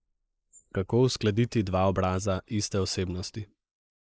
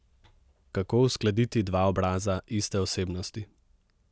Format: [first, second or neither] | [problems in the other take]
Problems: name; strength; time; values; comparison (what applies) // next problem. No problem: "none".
second | noise reduction (neural mask model Resemble Enhance denoiser)